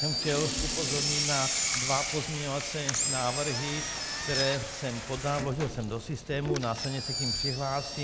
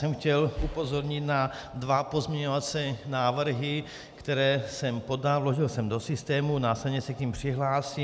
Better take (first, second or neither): second